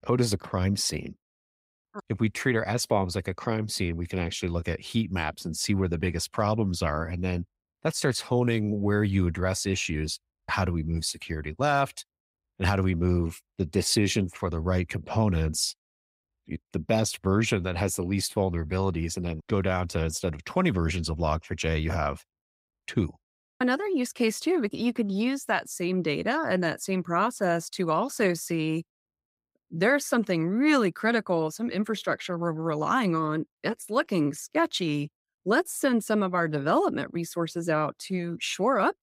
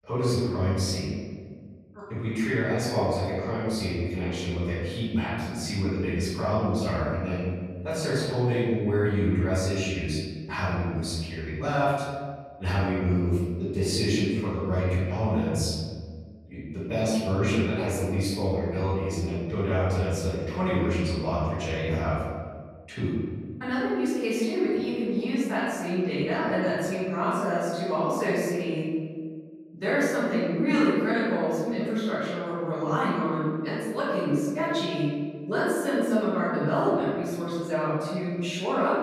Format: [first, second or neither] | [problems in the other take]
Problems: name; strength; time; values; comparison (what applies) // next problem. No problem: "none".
first | off-mic speech; far // room echo; strong; dies away in 1.7 s